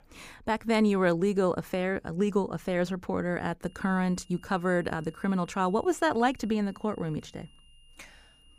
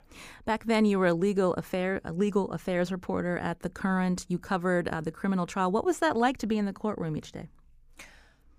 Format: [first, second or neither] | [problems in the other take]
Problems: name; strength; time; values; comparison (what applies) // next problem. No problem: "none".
second | high-pitched whine; faint; from 3.5 s on; 3 kHz, 30 dB below the speech